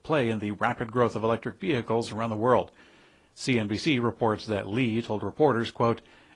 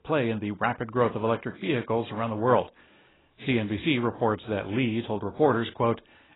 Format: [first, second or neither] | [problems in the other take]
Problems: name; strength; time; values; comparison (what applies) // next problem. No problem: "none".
first | garbled, watery; badly; nothing above 4 kHz; slightly in the first